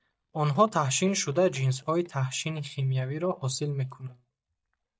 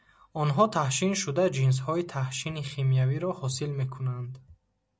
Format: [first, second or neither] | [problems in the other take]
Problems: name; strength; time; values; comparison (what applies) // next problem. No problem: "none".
second | noise reduction (neural mask model DeepFilterNet 3)